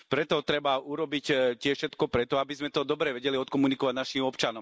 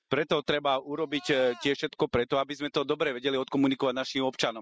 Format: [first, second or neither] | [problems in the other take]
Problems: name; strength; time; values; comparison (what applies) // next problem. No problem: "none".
first | noise reduction (classical method spectral subtraction)